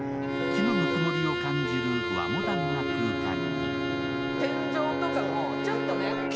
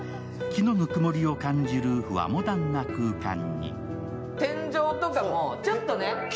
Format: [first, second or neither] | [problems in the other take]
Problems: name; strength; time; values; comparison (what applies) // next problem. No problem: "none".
second | background sound (Bowed string instrument + Brass instrument); 2 dB above the speech